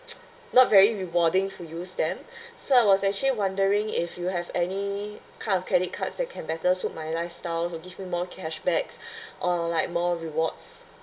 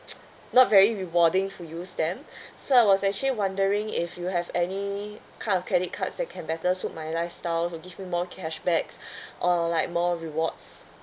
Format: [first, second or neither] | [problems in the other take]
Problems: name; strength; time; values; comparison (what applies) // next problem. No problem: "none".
second | room echo; dies away in 0.2 s